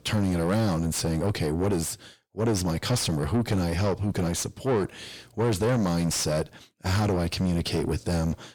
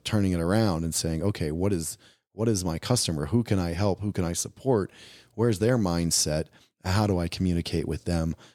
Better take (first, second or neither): second